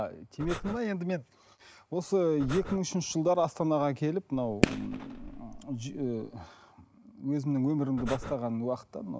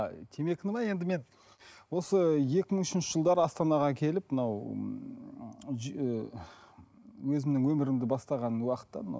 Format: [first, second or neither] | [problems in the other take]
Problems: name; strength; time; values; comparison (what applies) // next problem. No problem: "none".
second | background sound (Fireworks + Breathing); 4 dB below the speech